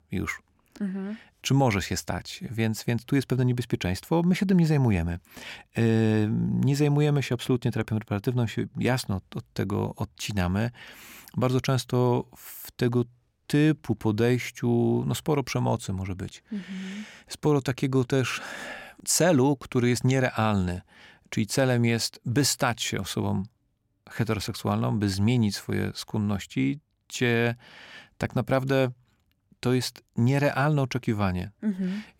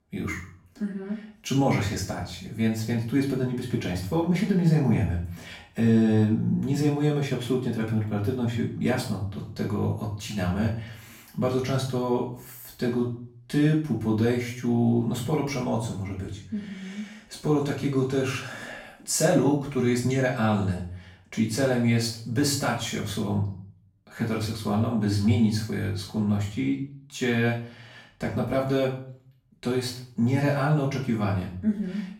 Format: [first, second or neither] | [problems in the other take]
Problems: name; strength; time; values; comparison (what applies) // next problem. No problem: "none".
first | off-mic speech; far // room echo; noticeable; dies away in 0.5 s